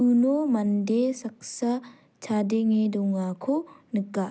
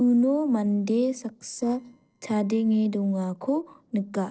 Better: first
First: none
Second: noise reduction (neural separator model SepFormer DNS4)

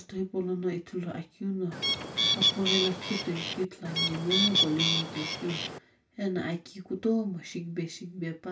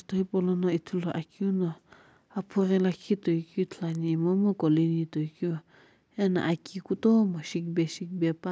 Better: second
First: background sound (Bird); 4 dB above the speech // room echo; dies away in 0.2 s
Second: none

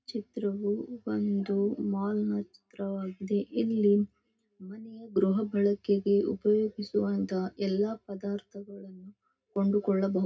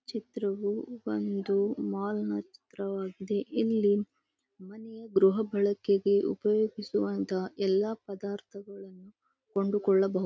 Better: second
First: room echo; dies away in 0.4 s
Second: none

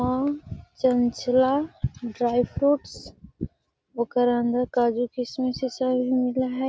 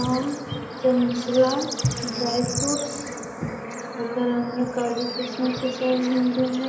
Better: first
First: none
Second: background sound (Bird / Insect / Frog); 7 dB below the speech // room echo; dies away in 0.9 s

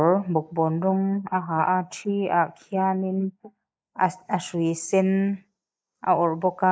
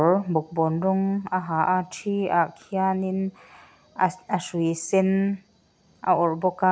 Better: second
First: noise reduction (neural mask model Resemble Enhance denoiser)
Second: none

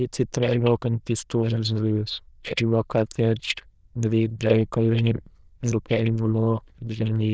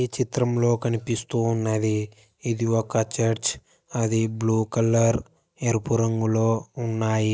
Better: second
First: noise reduction (neural diffusion model UNIVERSE++)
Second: none

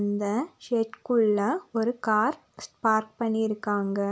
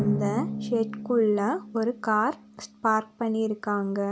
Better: first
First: none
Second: background sound (Drum); 8 dB below the speech

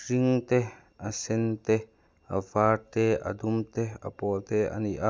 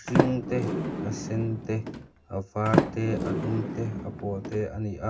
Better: first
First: none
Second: background sound (Sliding door); 1 dB above the speech // room echo; dies away in 0.4 s

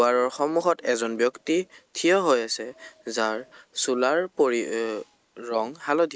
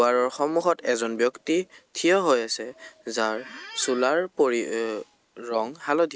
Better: first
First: none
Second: background sound (Squeak); 17 dB below the speech

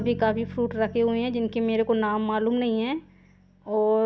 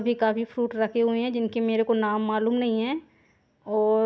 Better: second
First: background sound (Bass guitar); 16 dB below the speech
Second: none

